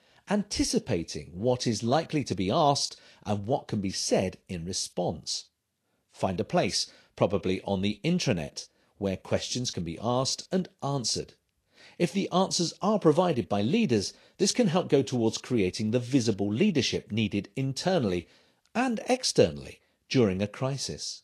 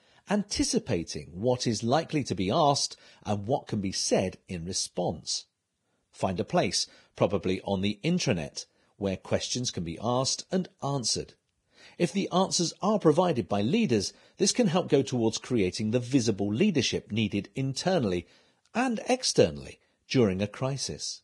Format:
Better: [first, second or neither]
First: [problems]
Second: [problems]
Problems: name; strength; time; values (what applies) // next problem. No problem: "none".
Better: first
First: garbled, watery; slightly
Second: garbled, watery; badly; nothing above 10 kHz